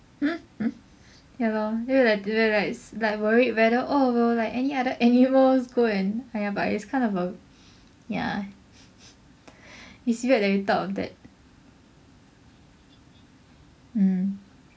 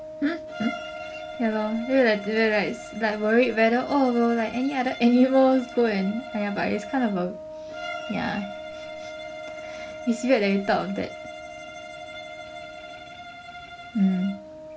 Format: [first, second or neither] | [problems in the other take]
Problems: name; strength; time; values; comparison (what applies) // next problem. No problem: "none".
first | background sound (Bowed string instrument + Wind instrument, woodwind instrument); 12 dB below the speech